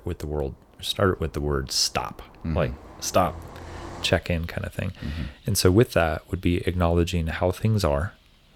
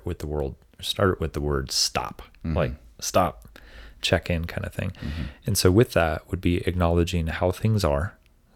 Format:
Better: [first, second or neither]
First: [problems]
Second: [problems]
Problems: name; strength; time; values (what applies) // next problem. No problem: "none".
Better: second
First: traffic noise; faint; throughout; 20 dB below the speech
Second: none